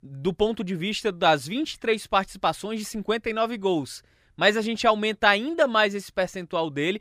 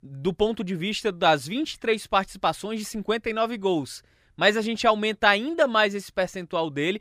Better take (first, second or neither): neither